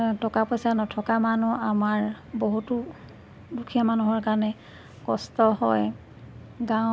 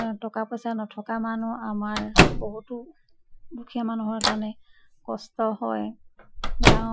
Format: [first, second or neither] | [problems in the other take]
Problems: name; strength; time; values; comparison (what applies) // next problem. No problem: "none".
first | noise reduction (classical method Wiener filter)